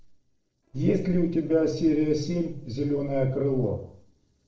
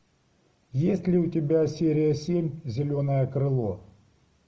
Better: second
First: noise reduction (neural separator model SepFormer DNS4)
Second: none

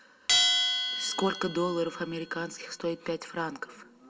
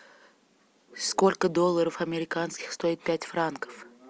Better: second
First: background sound (Bell); 1 dB above the speech // room echo; dies away in 0.5 s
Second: none

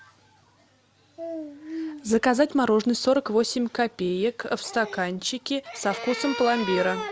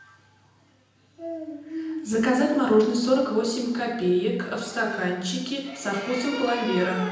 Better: first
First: none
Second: room echo; dies away in 0.9 s

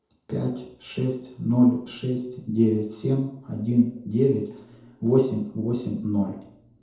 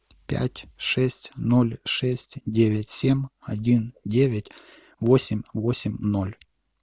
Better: second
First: room echo; dies away in 0.8 s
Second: none

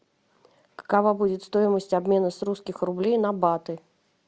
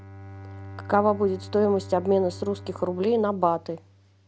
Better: first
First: none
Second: background sound (Bowed string instrument); 16 dB below the speech

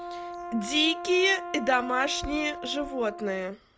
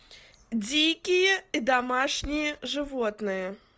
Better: second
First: background sound (Brass instrument); 10 dB below the speech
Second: none

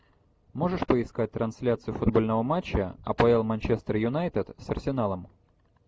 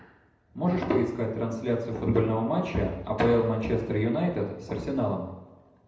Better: first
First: none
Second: room echo; dies away in 0.8 s

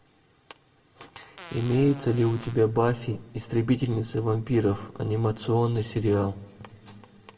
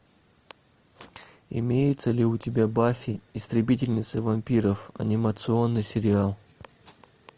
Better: second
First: background sound (Fart); 19 dB below the speech // room echo; dies away in 1.2 s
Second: none

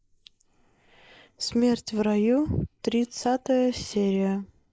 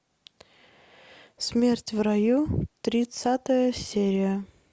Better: second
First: noise reduction (neural mask model Resemble Enhance denoiser)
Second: none

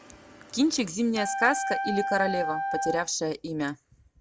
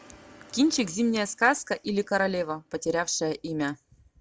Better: second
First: background sound (Wind instrument, woodwind instrument); 4 dB below the speech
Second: none

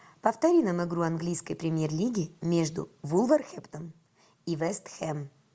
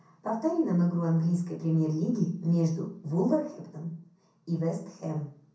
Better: first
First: none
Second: room echo; dies away in 0.6 s

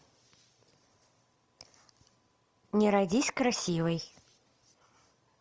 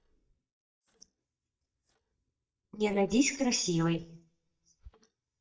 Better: first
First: none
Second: noise reduction (neural mask model DeepFilterNet 3)

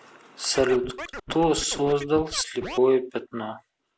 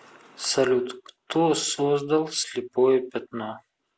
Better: second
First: background sound (Scratching (performance technique)); 12 dB below the speech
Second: none

